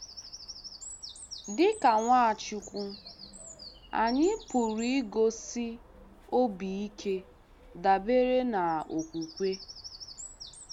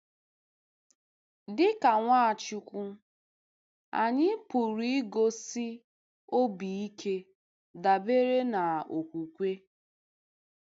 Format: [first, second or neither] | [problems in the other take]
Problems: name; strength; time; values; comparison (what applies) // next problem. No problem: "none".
second | background sound (Bird vocalization, bird call, bird song); 17 dB below the speech